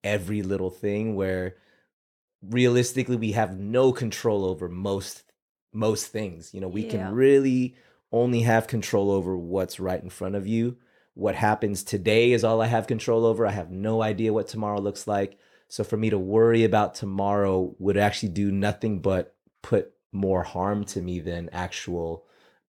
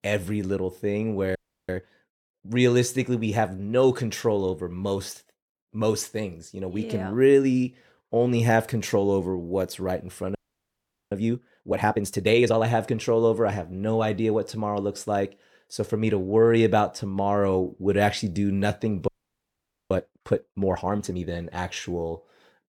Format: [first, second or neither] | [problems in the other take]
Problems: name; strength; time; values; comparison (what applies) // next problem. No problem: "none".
first | audio freezing; at 1.5 s, at 10 s for 1 s and at 19 s for 1 s